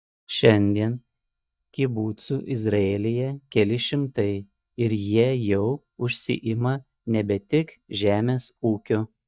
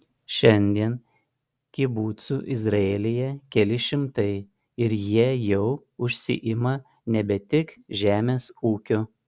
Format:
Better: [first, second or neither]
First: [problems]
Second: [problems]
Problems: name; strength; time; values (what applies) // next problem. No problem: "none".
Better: second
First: noise reduction (neural mask model DeepFilterNet 3)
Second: none